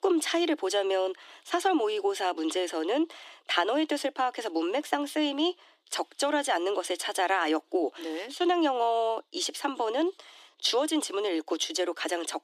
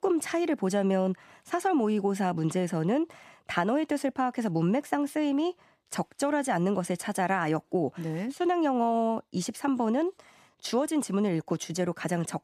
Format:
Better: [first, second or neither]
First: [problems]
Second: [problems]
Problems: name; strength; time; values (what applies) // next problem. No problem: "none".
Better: second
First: thin; somewhat; fading below 300 Hz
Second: none